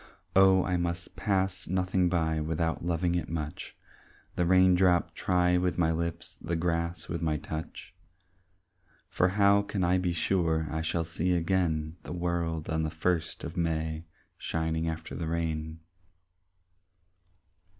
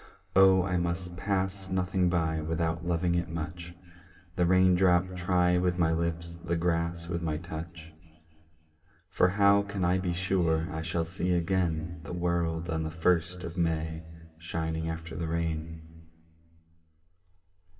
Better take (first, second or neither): first